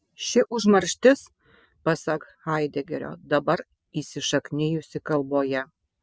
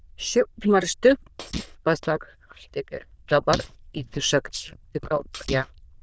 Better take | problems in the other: first | noise reduction (neural diffusion model UNIVERSE++)

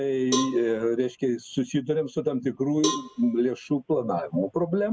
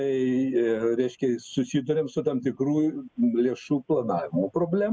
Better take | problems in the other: second | background sound (Cowbell); 11 dB below the speech

